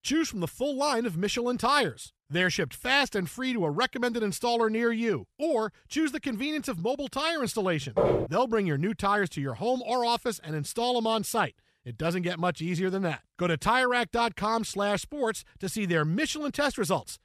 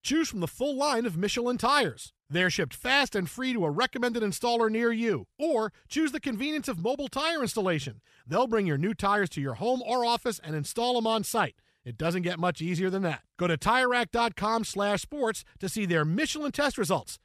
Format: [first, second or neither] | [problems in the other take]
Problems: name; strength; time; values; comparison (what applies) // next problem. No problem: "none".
second | footsteps; loud; at 8 s; peak 2 dB above the speech